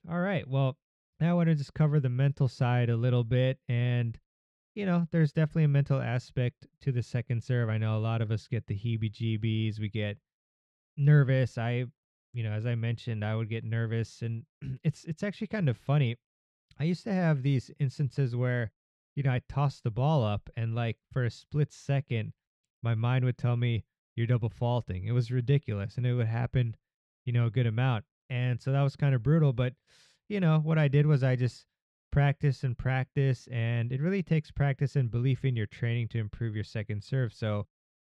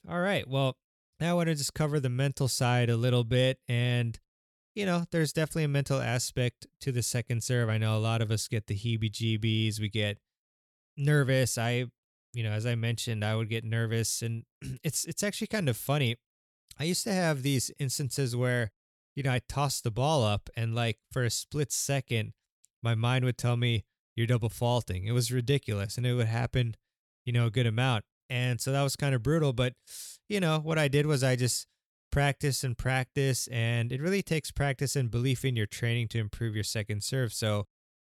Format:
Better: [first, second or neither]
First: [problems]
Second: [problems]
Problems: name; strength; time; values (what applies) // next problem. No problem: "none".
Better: second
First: muffled; slightly; fading above 2.5 kHz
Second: none